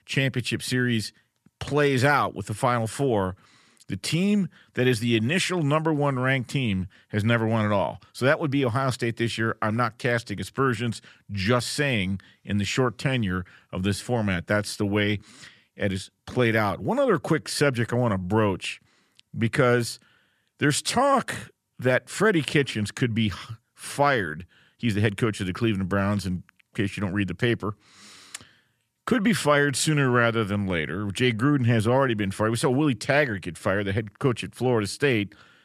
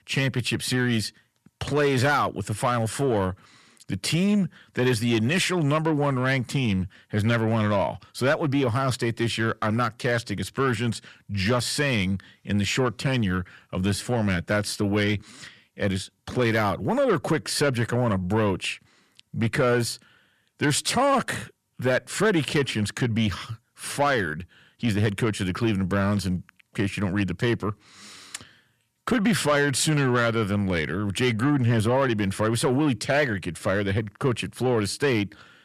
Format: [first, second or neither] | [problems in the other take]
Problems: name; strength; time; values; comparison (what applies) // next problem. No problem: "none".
first | distortion; slight; 10 dB below the speech